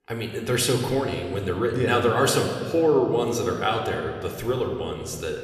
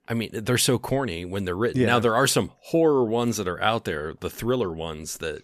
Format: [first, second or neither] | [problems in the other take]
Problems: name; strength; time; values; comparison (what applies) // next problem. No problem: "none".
second | room echo; slight; dies away in 1.9 s